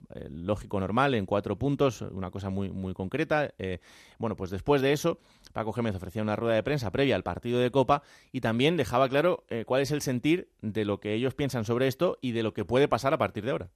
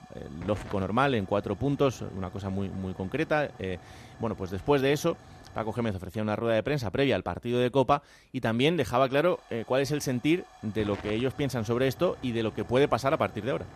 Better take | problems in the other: first | hiss; noticeable; throughout; 20 dB below the speech

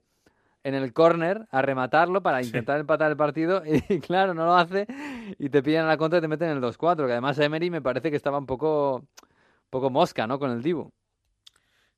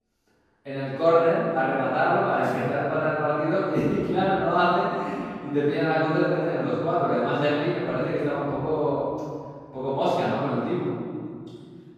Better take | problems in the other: first | off-mic speech; far // room echo; strong; dies away in 2 s

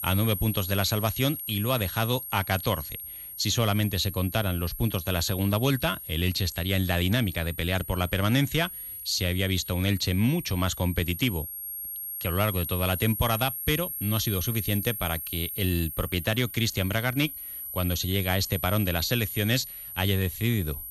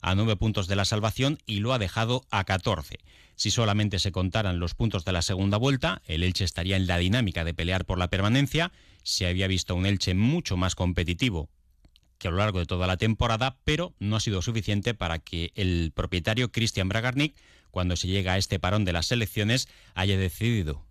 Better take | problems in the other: second | high-pitched whine; loud; throughout; 11.5 kHz, 7 dB below the speech

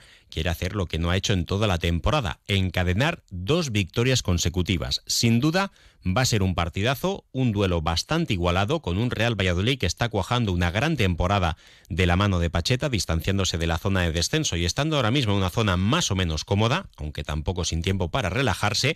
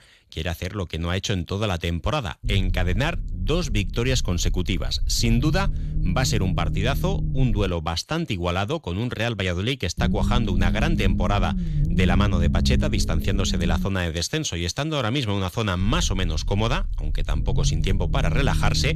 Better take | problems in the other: first | low rumble; noticeable; from 2.5 to 7.5 s, from 10 to 14 s and from 16 s on; 10 dB below the speech

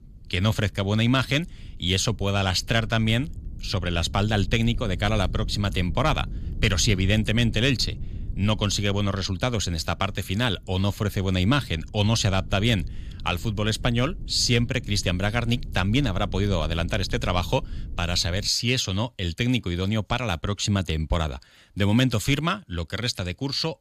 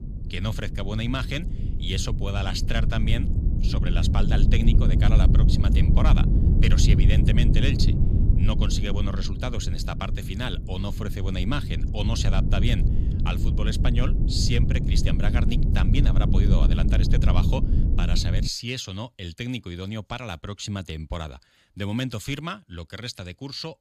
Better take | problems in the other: first | low rumble; loud; until 18 s; 5 dB below the speech; faint in the first

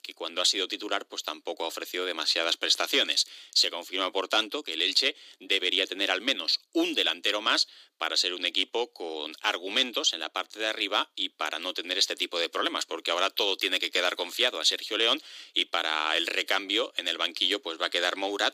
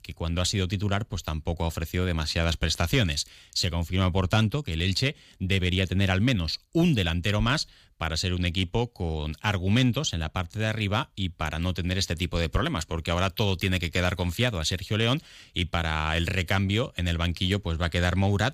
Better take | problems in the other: second | thin; very; fading below 300 Hz

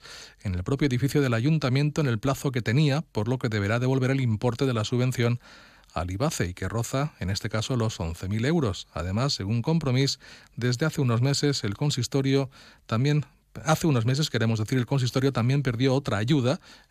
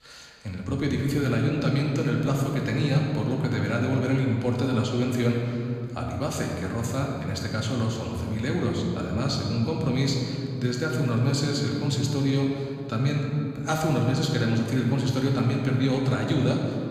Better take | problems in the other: first | room echo; noticeable; dies away in 2.3 s // off-mic speech; somewhat distant

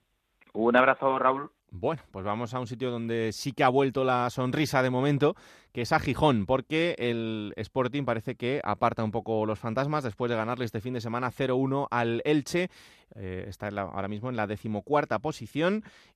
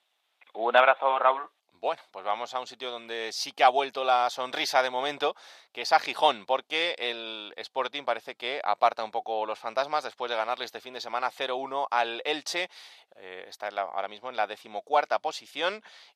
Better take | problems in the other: first | thin; very; fading below 700 Hz

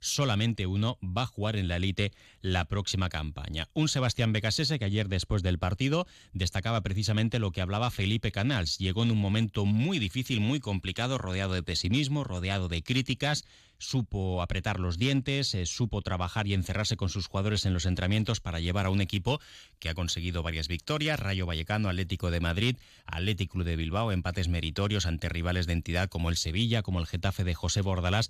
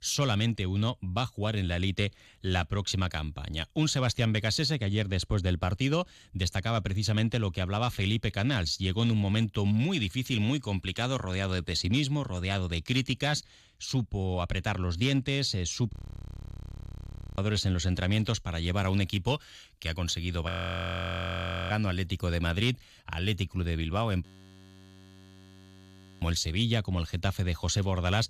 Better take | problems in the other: first | audio freezing; at 16 s for 1.5 s, at 20 s for 1 s and at 24 s for 2 s

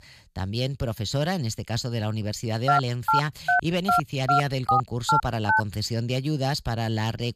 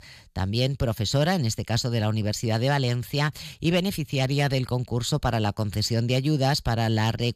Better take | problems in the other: second | phone ringing; loud; from 2.5 to 5.5 s; peak 4 dB above the speech

